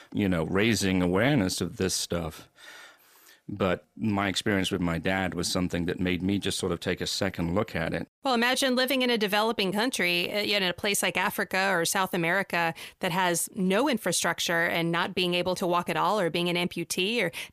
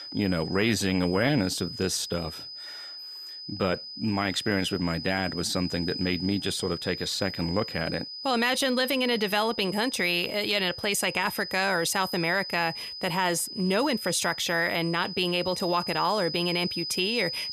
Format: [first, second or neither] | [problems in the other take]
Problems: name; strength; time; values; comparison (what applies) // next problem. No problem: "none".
first | high-pitched whine; loud; throughout; 5 kHz, 8 dB below the speech